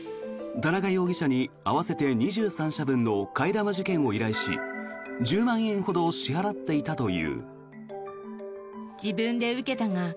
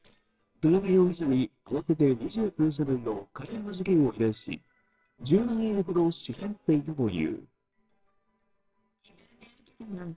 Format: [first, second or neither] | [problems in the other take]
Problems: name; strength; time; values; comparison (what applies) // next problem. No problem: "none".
first | noise reduction (neural separator model SepFormer WHAMR!)